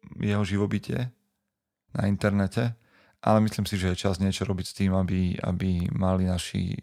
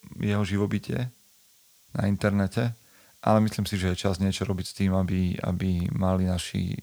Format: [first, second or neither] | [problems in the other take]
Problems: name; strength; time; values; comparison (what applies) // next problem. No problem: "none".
first | hiss; faint; throughout; 30 dB below the speech